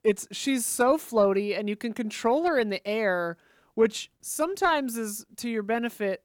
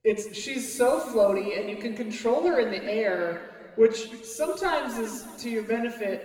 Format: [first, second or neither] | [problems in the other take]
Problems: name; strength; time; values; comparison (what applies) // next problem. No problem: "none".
first | room echo; noticeable; dies away in 1.9 s // off-mic speech; somewhat distant